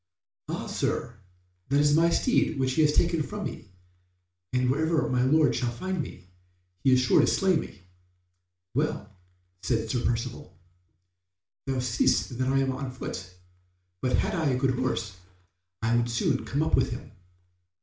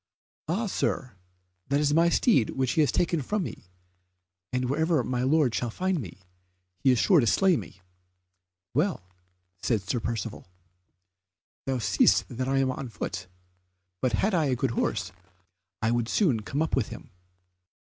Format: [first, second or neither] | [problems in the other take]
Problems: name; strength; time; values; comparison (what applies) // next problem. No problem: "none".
second | room echo; dies away in 0.4 s